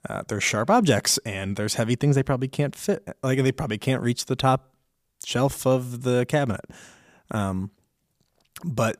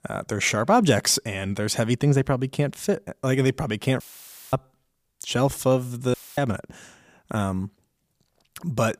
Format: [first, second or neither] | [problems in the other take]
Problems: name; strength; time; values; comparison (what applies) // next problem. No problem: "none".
first | audio cutting out; filled with static; at 4 s for 0.5 s and at 6 s